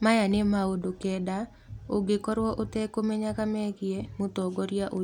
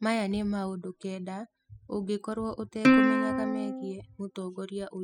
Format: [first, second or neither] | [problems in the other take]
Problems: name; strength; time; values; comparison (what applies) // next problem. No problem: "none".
first | noise reduction (classical method spectral subtraction)